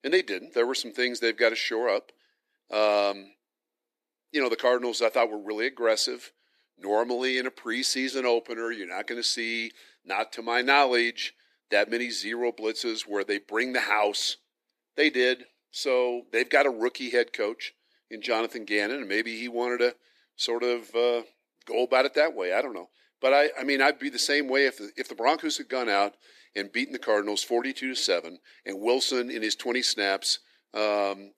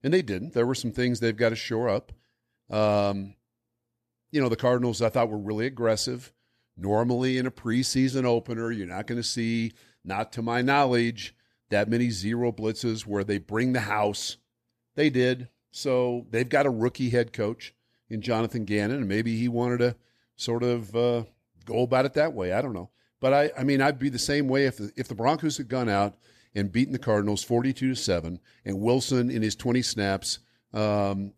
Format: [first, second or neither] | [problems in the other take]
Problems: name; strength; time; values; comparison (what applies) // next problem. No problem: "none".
second | thin; somewhat; fading below 300 Hz